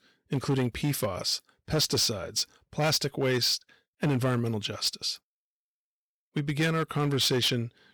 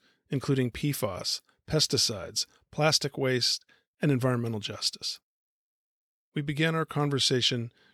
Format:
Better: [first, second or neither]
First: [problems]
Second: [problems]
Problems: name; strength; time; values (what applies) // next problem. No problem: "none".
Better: second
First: distortion; slight; 7% of the sound clipped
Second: none